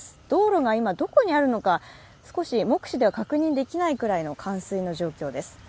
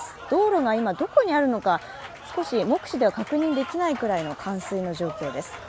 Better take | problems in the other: first | background sound (Applause / Crowd); 15 dB below the speech

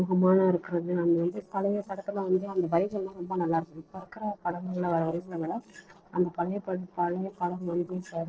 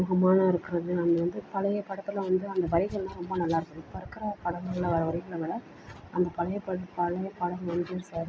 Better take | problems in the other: second | noise reduction (neural separator model SepFormer DNS4)

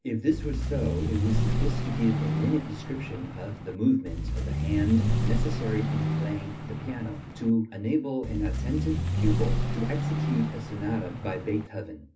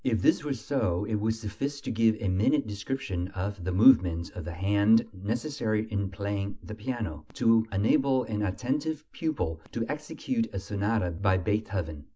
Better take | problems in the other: second | background sound (Vehicle); 2 dB above the speech // room echo; dies away in 0.3 s

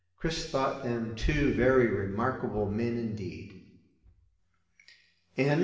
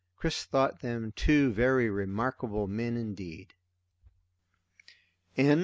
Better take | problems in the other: second | room echo; dies away in 1.1 s

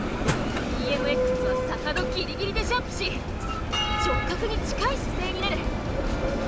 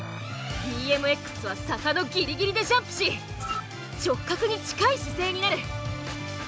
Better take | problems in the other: second | background sound (Bell); 4 dB above the speech

